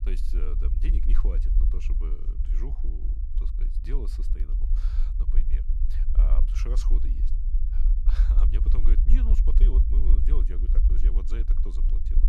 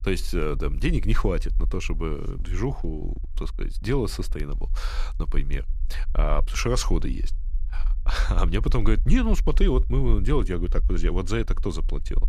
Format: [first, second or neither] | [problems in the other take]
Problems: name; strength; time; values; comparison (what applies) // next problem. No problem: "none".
second | low rumble; loud; throughout; 3 dB below the speech; faint in the second